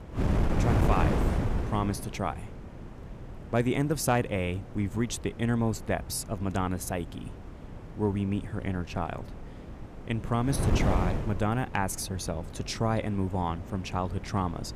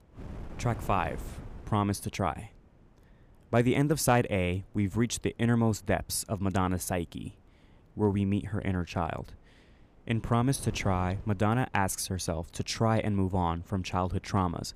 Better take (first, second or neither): second